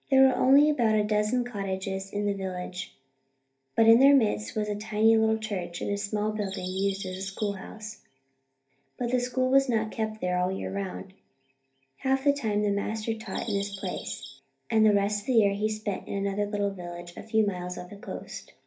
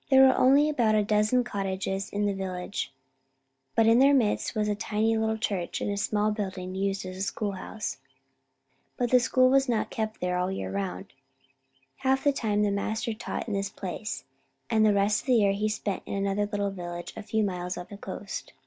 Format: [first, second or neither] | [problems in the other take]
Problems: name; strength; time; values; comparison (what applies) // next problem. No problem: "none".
second | background sound (Bird vocalization, bird call, bird song); 13 dB below the speech // room echo; dies away in 0.3 s